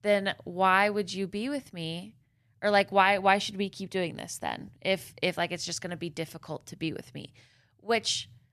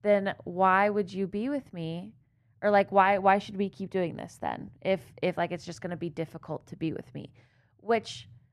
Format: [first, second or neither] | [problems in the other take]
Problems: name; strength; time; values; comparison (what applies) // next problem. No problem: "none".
first | muffled; slightly; fading above 2.5 kHz